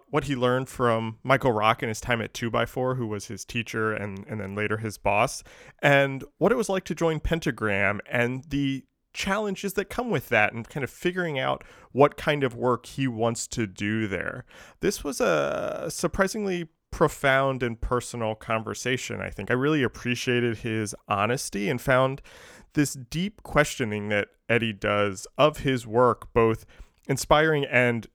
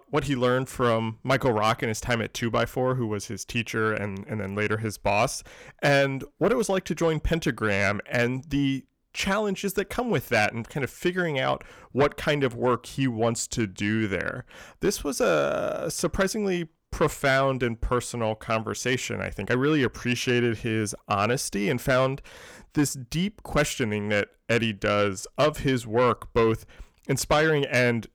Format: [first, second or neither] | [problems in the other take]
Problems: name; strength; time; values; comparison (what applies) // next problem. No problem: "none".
first | distortion; slight; 10 dB below the speech